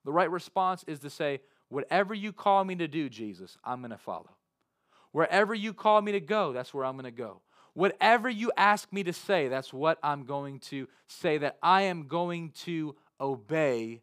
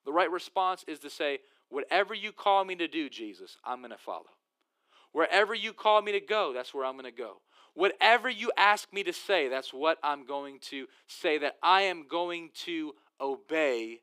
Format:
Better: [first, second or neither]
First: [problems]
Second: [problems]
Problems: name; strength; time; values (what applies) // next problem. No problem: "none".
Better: first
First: none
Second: thin; somewhat; fading below 300 Hz